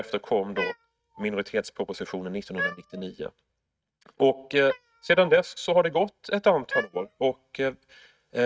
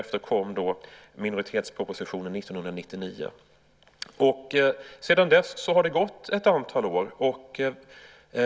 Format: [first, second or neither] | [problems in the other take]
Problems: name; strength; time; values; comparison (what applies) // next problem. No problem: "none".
second | noise reduction (neural mask model RNNoise)